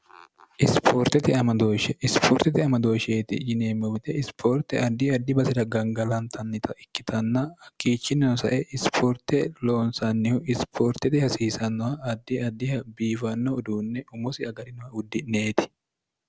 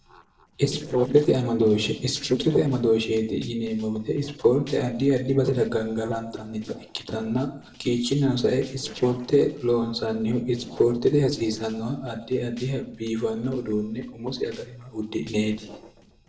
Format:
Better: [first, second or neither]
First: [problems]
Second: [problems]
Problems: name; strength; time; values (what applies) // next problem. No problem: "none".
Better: first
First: none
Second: noise reduction (neural separator model SepFormer DNS4)